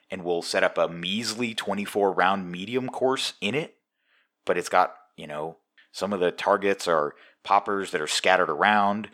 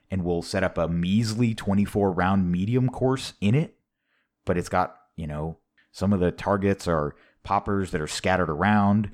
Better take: second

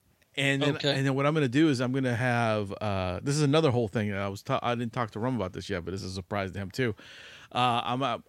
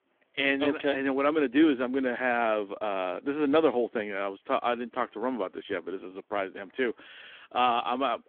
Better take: first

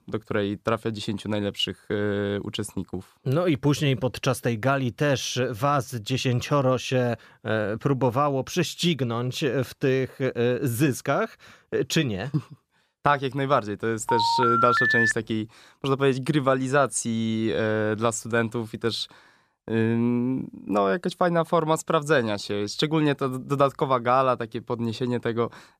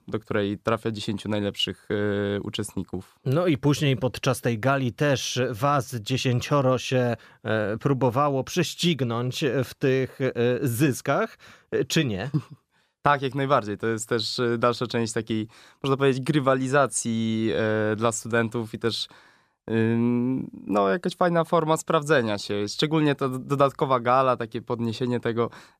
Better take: second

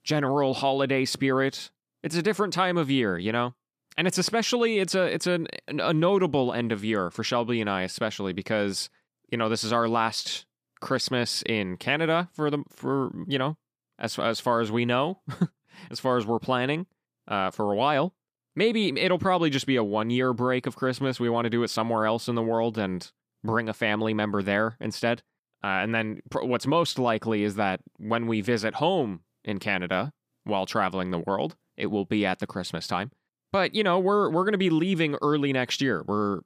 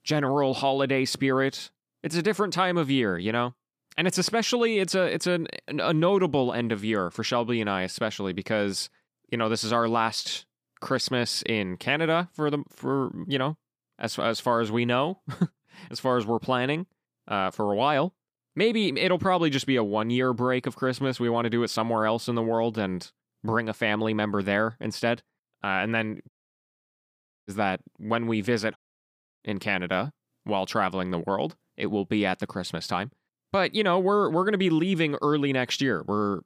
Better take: first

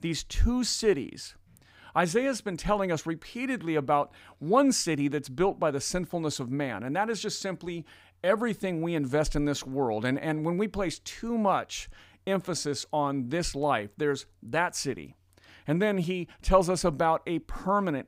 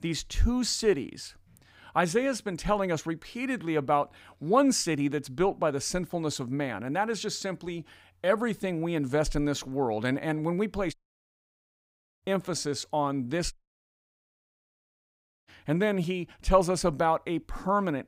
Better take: first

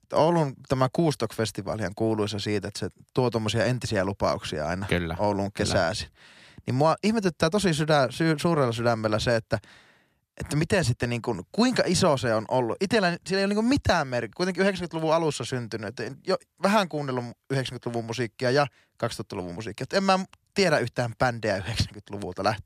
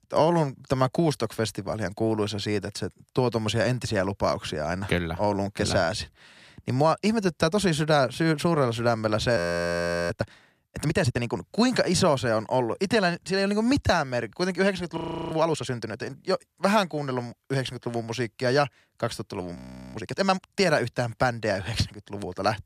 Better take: first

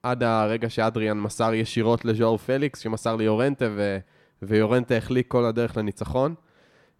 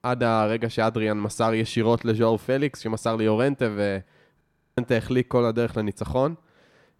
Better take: first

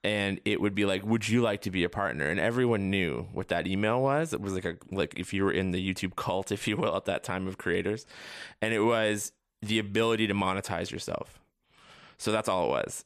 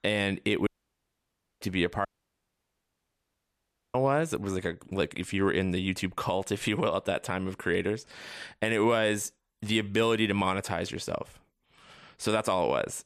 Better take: first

